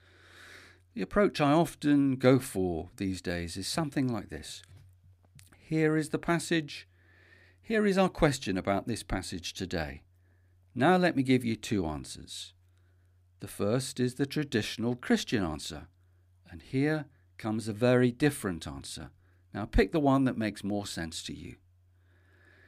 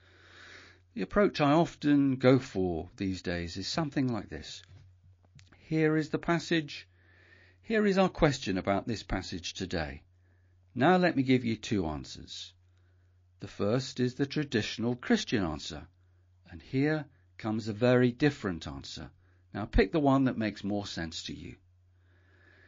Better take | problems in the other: first | garbled, watery; slightly

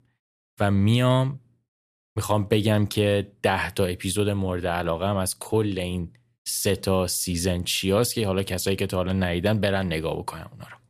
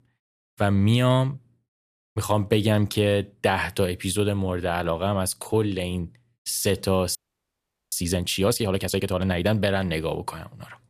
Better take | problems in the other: first | audio freezing; at 7 s for 1 s

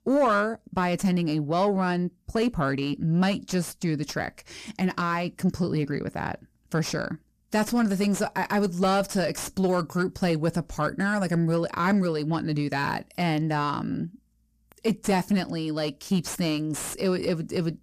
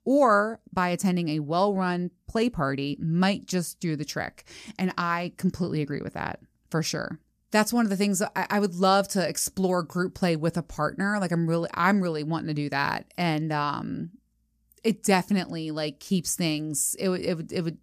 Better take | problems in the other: second | distortion; slight; 10 dB below the speech

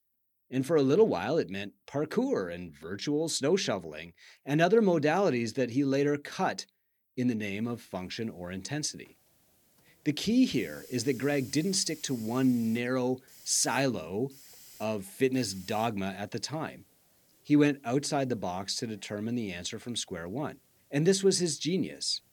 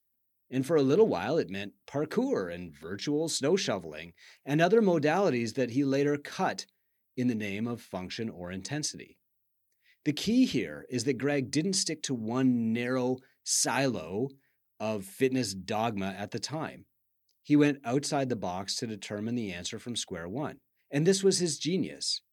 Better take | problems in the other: second | hiss; faint; from 7.5 s on; 25 dB below the speech

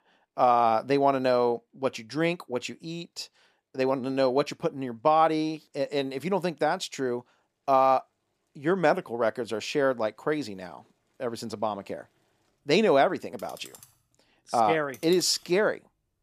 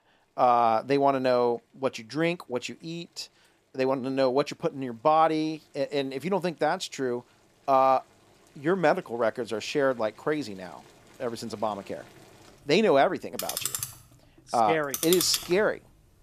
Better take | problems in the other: first | household noises; loud; throughout; 5 dB below the speech; faint in the first

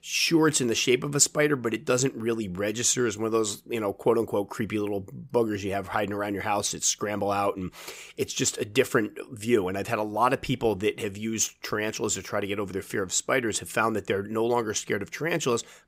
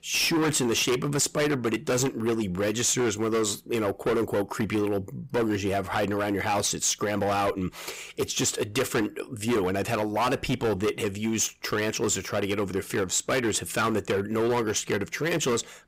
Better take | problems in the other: first | distortion; heavy; 16% of the sound clipped

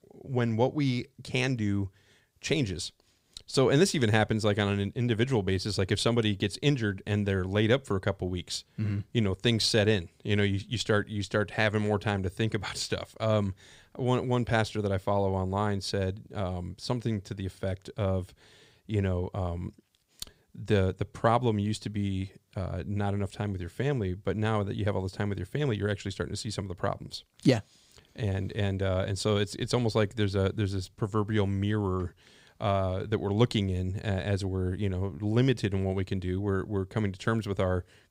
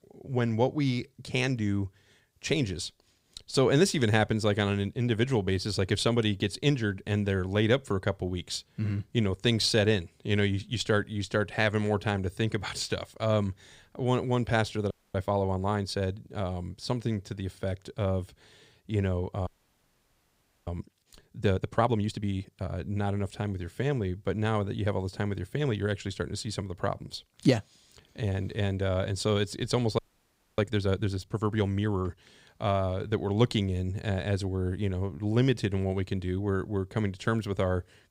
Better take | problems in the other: first | audio freezing; at 15 s, at 19 s for 1 s and at 30 s for 0.5 s

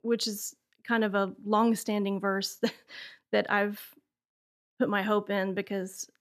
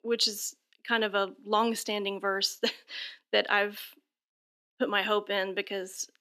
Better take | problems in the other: first | thin; very slightly; fading below 250 Hz

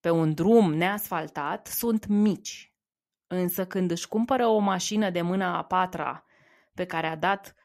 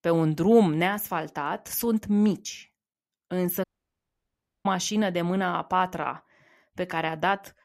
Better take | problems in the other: first | audio cutting out; at 3.5 s for 1 s

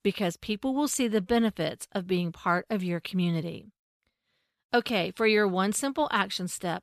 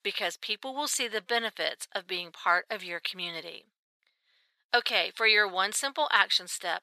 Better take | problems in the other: first | thin; very; fading below 700 Hz

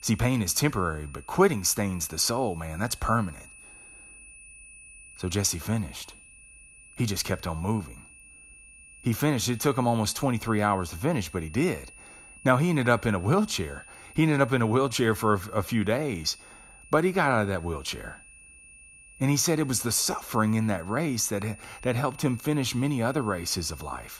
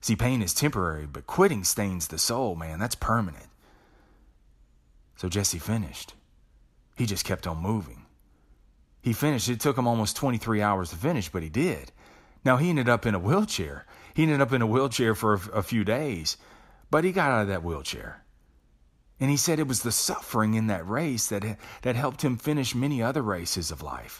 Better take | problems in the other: second | high-pitched whine; faint; throughout; 2.5 kHz, 20 dB below the speech

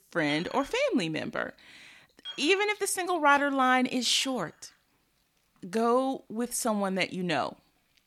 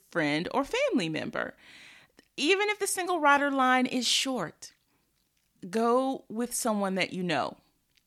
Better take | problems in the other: second | household noises; noticeable; throughout; 20 dB below the speech

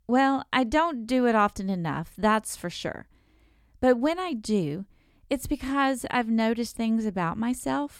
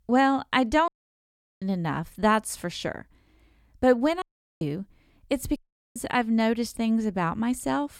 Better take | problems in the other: first | audio cutting out; at 1 s for 0.5 s, at 4 s and at 5.5 s

